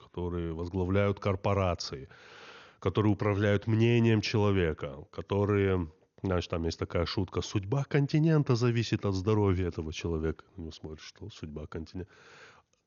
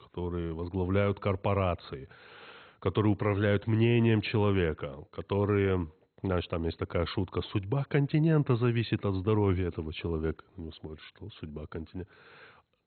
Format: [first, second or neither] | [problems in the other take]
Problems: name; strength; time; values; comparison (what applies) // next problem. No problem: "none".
first | garbled, watery; badly; nothing above 4 kHz; slightly in the first